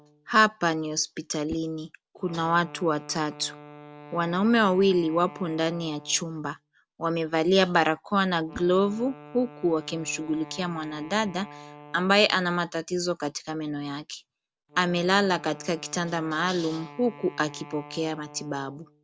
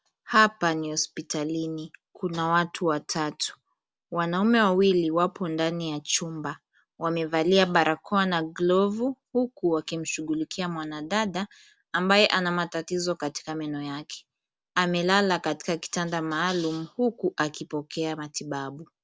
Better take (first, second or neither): second